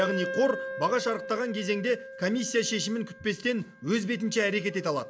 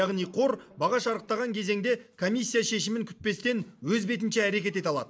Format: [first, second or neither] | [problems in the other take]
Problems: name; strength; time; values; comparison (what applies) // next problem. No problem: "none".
second | background sound (Wind instrument, woodwind instrument); 10 dB below the speech